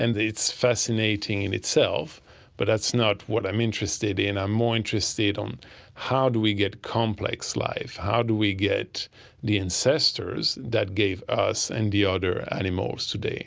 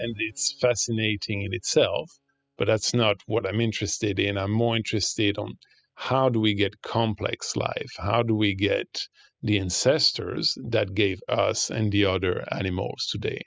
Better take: first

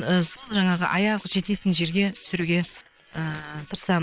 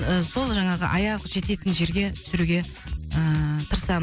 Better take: second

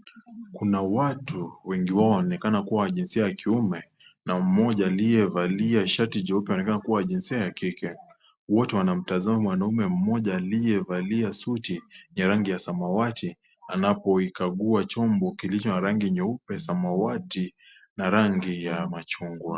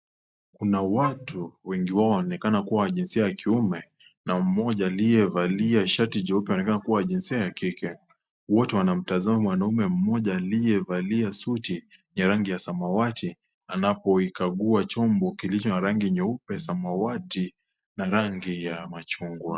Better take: first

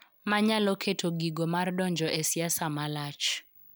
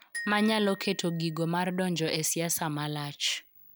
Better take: first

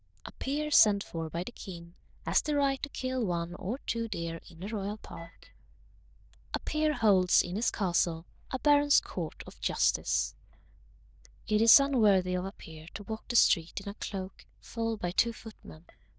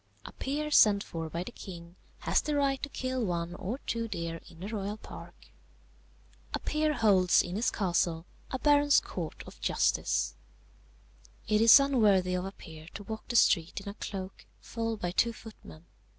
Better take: second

